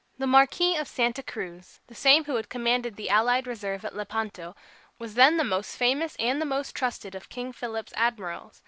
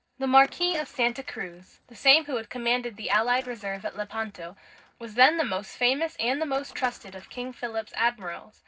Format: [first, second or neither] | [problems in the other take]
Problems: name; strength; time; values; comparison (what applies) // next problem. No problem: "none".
first | noise reduction (neural separator model SepFormer DNS4)